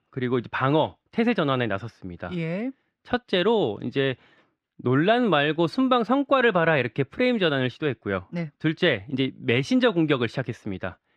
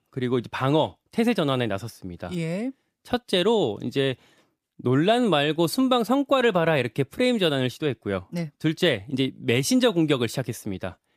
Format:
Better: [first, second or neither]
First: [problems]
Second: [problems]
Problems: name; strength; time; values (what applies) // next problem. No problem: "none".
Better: second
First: muffled; slightly; fading above 3 kHz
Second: none